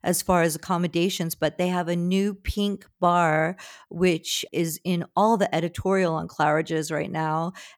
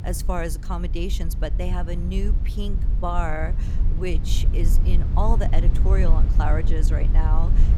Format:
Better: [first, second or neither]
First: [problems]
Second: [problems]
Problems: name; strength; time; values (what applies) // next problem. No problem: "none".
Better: first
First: none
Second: low rumble; loud; throughout; 9 dB below the speech